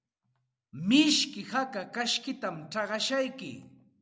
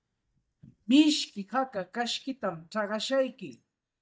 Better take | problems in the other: first | noise reduction (neural mask model DeepFilterNet 3)

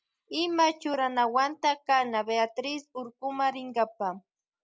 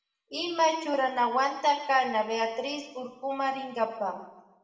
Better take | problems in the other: first | room echo; dies away in 1 s

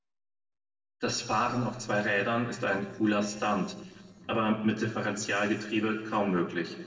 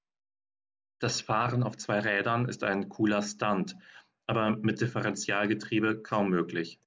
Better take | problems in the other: second | noise reduction (neural separator model SepFormer DNS4)

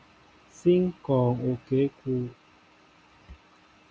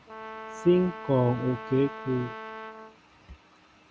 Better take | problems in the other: first | background sound (Brass instrument); 12 dB below the speech

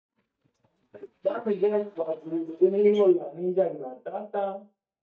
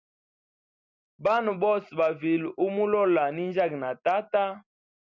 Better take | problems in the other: second | noise reduction (neural mask model DeepFilterNet 3)

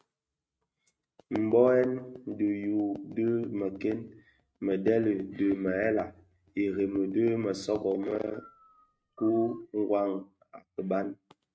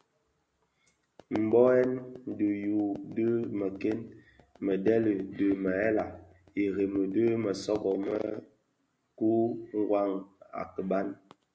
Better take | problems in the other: second | noise reduction (neural mask model RNNoise)

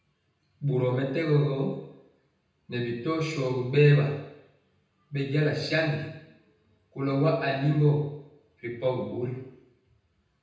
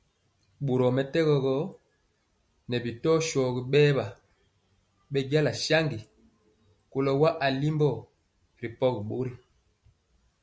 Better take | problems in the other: second | room echo; dies away in 0.9 s

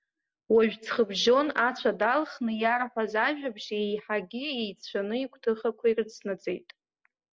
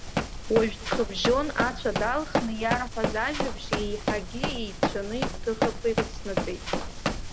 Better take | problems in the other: first | background sound (Run); as loud as the speech

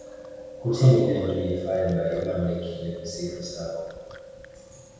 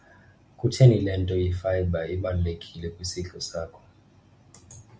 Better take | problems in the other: second | background sound (Chewing, mastication); 12 dB below the speech // room echo; dies away in 1.2 s

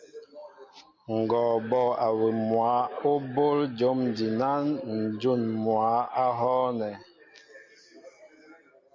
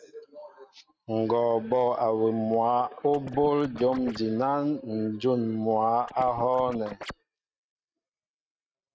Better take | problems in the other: first | noise reduction (neural mask model RNNoise)

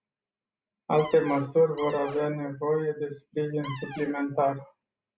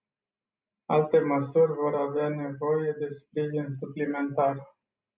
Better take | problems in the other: second | background sound (Cupboard open or close); 13 dB below the speech

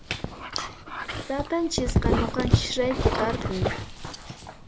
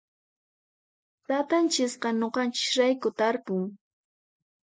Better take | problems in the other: second | background sound (Dog); 4 dB above the speech

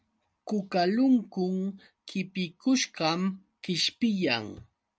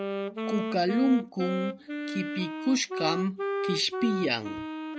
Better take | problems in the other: first | background sound (Wind instrument, woodwind instrument); 4 dB below the speech

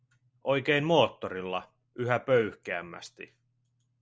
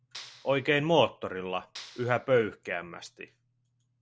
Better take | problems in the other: first | background sound (Clapping); 20 dB below the speech

